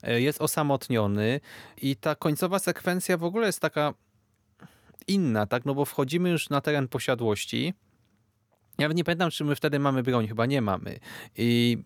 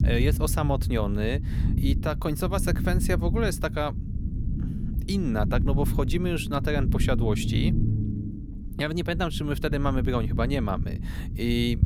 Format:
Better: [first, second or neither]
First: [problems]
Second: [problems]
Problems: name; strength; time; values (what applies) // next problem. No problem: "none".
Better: first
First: none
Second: low rumble; loud; throughout; 10 dB below the speech